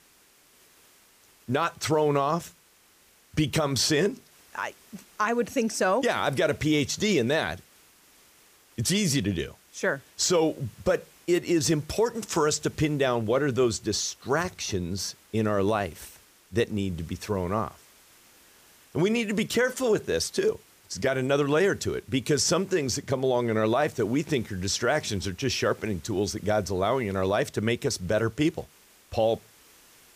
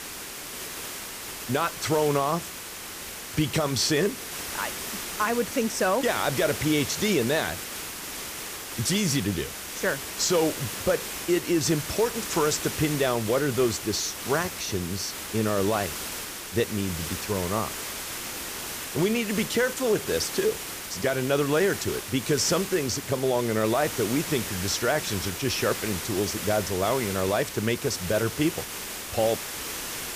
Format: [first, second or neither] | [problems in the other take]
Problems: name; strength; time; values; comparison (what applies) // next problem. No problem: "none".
first | hiss; loud; throughout; 6 dB below the speech; faint in the first